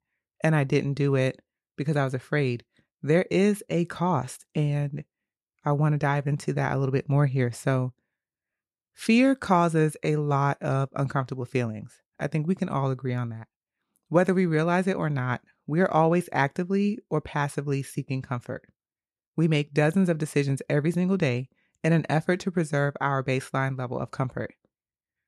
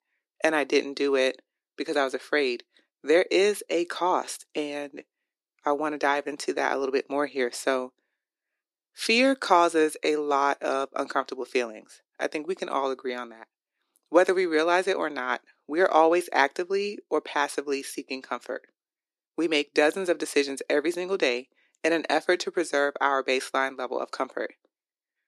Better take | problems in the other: first | thin; somewhat; fading below 300 Hz

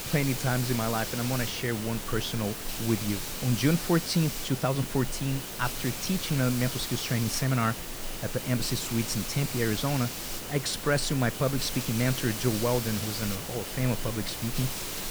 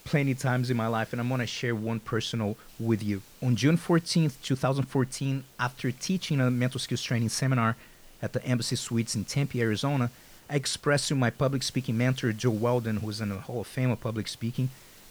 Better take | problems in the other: second | hiss; loud; throughout; 5 dB below the speech; faint in the second

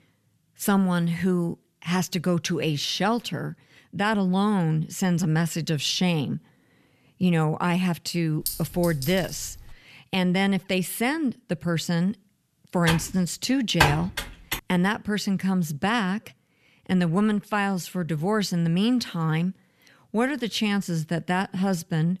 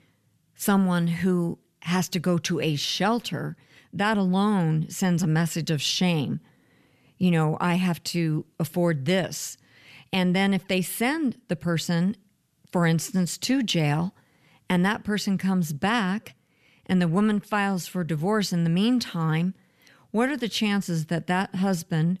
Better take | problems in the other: second | clattering dishes; noticeable; from 8.5 to 9.5 s; peak 5 dB below the speech // keyboard typing; loud; from 13 to 15 s; peak 3 dB above the speech

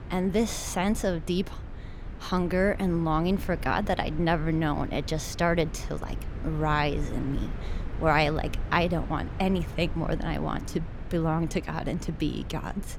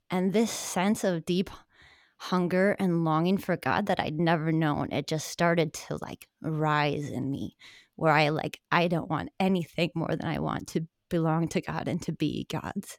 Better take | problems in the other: second | low rumble; noticeable; throughout; 15 dB below the speech

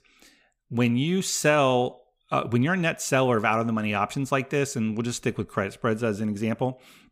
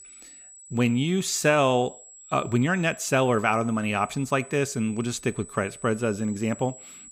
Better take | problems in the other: first | high-pitched whine; noticeable; throughout; 8 kHz, 20 dB below the speech

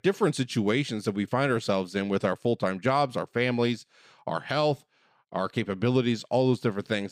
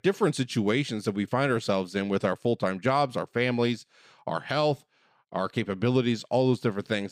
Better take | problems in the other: neither | none

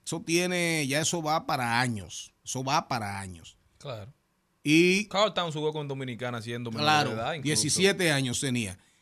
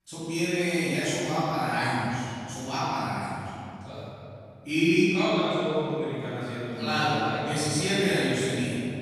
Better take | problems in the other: first | off-mic speech; far // room echo; strong; dies away in 2.7 s

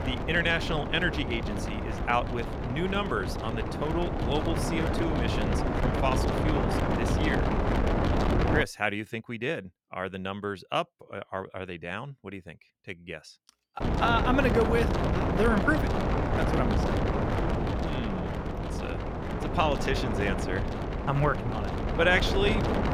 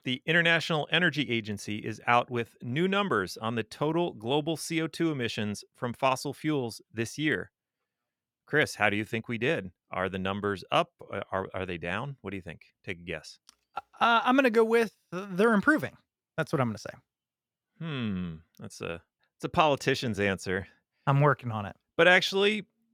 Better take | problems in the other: second | wind noise on the microphone; heavy; until 8.5 s and from 14 s on; 2 dB below the speech

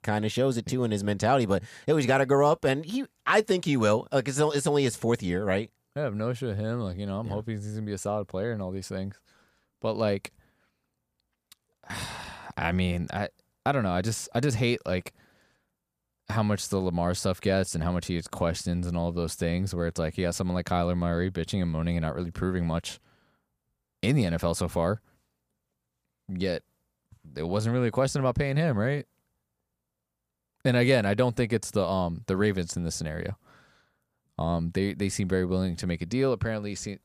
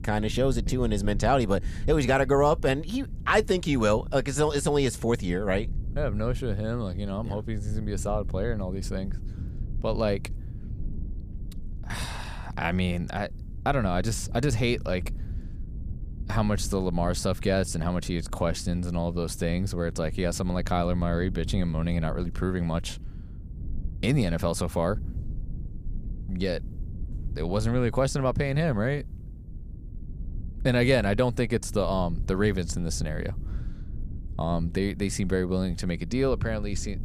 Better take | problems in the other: first | low rumble; faint; throughout; 20 dB below the speech

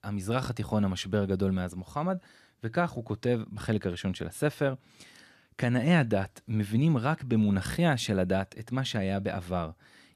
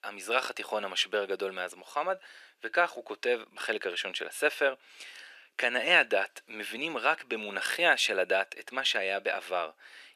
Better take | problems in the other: first | thin; very; fading below 400 Hz

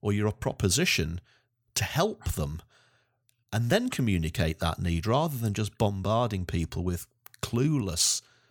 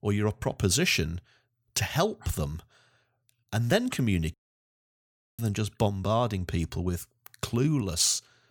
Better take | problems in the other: first | audio cutting out; at 4.5 s for 1 s

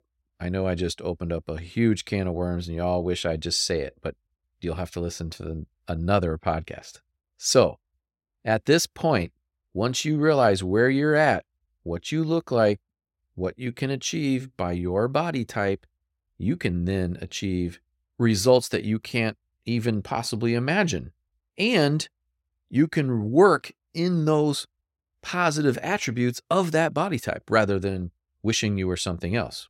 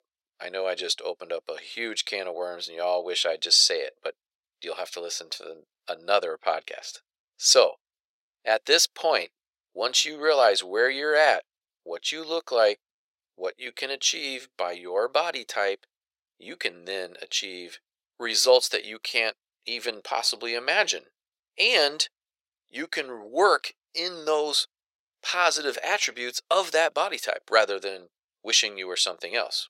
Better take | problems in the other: first | thin; very; fading below 500 Hz

